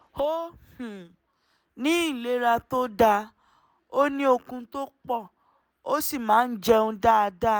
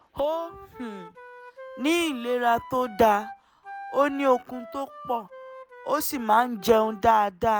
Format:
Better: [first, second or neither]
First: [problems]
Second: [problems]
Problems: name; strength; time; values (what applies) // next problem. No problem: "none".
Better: first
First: none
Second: background sound (Wind instrument, woodwind instrument); 18 dB below the speech